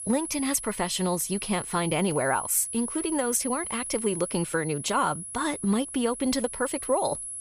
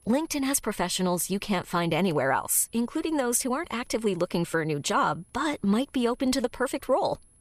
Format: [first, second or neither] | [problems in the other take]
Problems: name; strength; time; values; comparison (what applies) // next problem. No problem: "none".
second | high-pitched whine; loud; throughout; 10.5 kHz, 7 dB below the speech; faint in the second